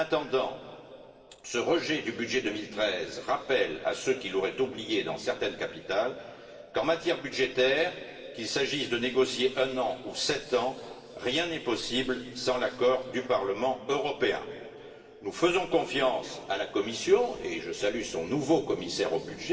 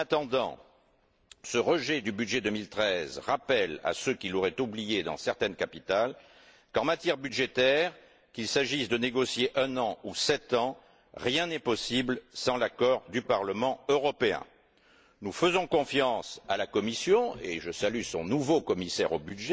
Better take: second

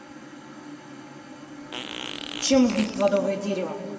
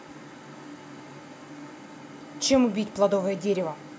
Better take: second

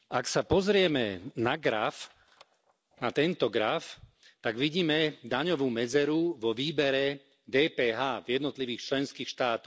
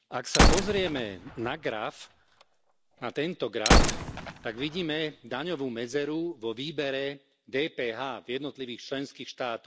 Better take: first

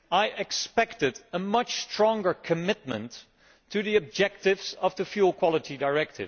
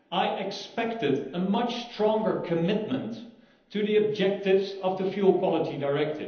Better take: first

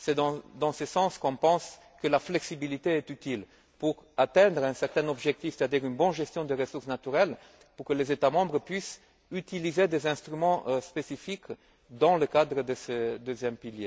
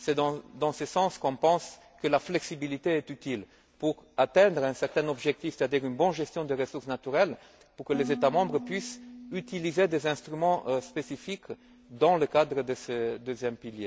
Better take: first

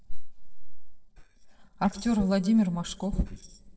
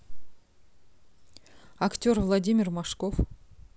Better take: second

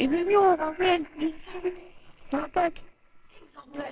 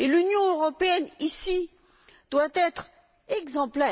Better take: second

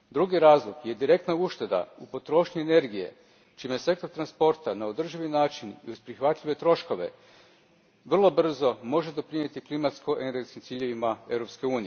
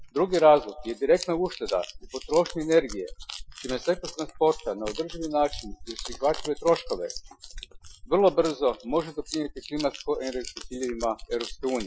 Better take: first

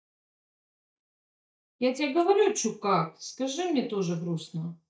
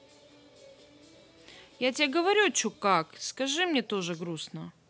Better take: second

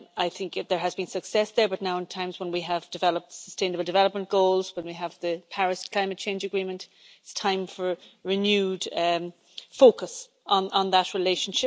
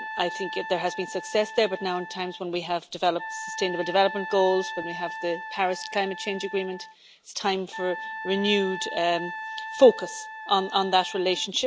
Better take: first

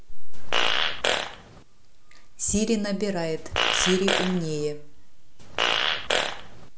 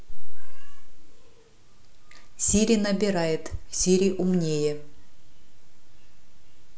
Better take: second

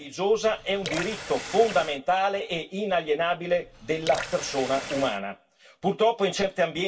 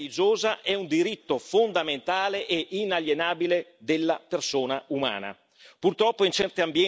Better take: second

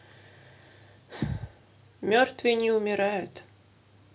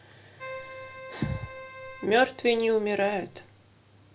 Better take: first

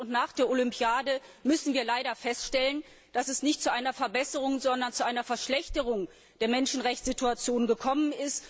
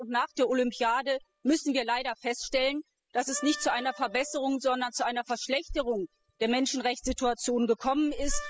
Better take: first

